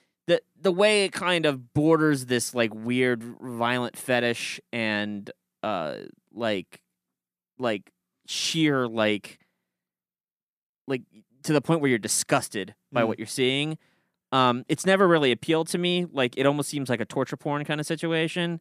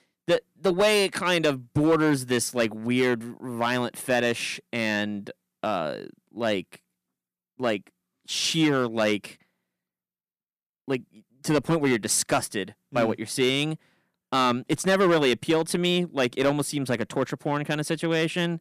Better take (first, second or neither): first